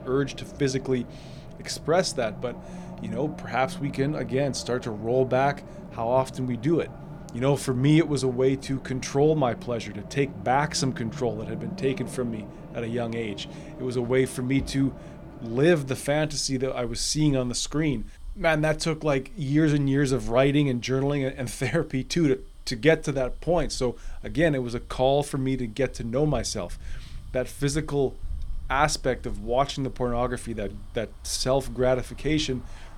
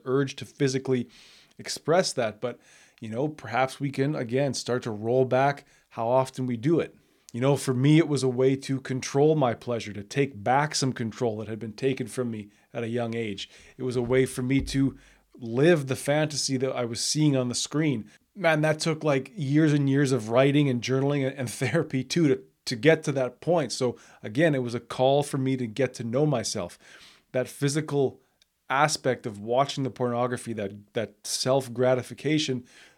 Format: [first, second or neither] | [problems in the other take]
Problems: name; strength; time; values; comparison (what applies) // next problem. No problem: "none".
second | traffic noise; noticeable; throughout; 15 dB below the speech